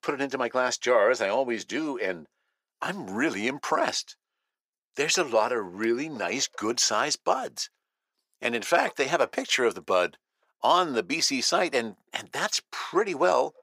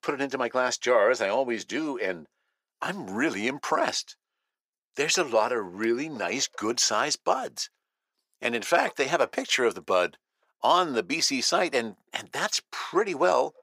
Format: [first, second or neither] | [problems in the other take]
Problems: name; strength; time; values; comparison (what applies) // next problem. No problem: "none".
neither | thin; very; fading below 550 Hz; the same in both